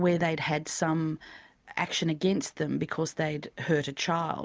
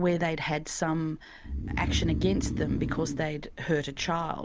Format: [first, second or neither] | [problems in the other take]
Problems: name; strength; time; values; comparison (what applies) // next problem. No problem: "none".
first | background sound (Breathing); 4 dB below the speech